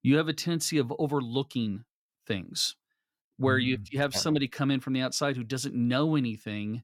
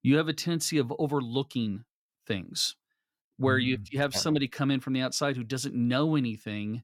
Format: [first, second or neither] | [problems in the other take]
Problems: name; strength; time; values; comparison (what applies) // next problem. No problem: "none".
neither | none